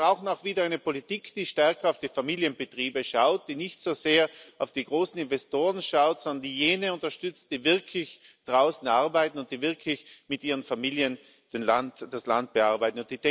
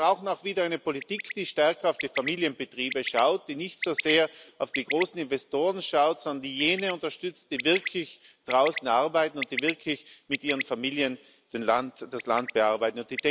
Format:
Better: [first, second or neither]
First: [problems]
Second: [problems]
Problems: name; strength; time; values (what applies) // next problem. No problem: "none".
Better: first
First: none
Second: background sound (Bird); 12 dB below the speech